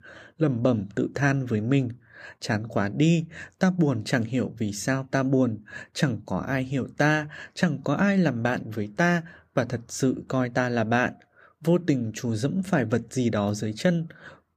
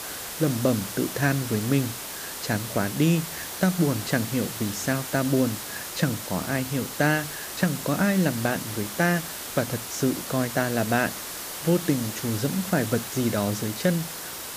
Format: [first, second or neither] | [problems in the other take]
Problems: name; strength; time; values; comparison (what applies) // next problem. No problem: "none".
first | hiss; loud; throughout; 7 dB below the speech